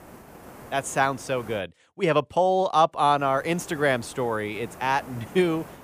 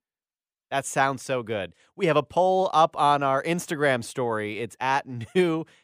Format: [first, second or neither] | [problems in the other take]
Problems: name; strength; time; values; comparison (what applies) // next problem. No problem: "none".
second | hiss; noticeable; until 1.5 s and from 3 s on; 20 dB below the speech